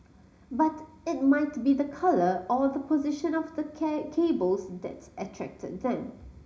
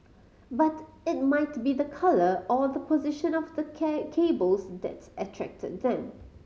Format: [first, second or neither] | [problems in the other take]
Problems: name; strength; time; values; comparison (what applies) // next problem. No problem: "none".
second | room echo; dies away in 0.4 s